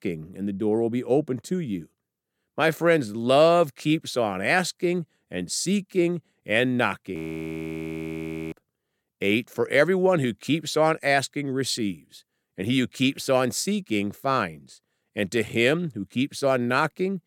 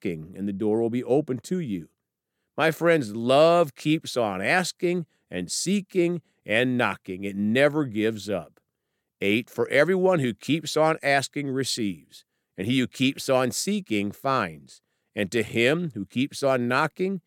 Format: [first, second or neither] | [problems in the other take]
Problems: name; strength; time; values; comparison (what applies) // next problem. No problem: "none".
second | audio freezing; at 7 s for 1.5 s